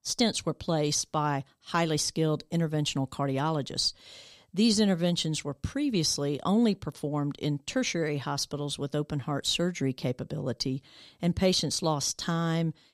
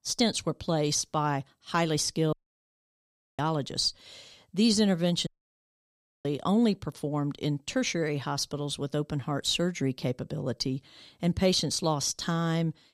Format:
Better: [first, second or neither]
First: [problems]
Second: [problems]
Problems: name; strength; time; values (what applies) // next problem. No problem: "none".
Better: first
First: none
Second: audio cutting out; at 2.5 s for 1 s and at 5.5 s for 1 s